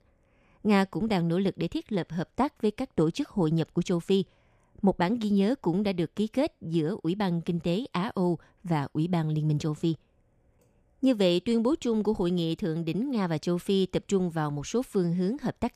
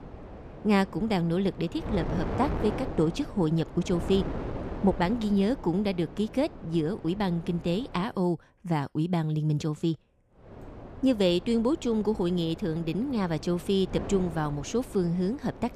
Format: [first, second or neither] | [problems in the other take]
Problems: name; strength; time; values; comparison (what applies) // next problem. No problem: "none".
first | wind noise on the microphone; occasional gusts; until 8 s and from 10 s on; 10 dB below the speech